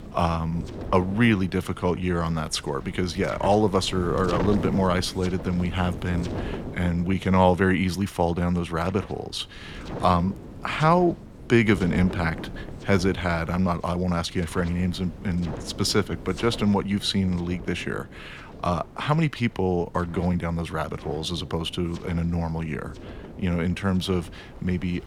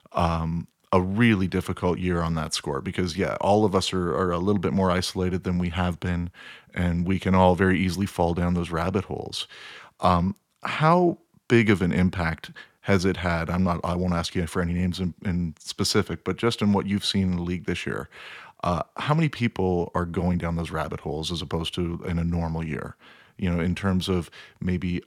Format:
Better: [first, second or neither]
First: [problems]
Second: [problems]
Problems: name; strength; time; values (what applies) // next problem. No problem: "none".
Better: second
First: wind noise on the microphone; occasional gusts; 15 dB below the speech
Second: none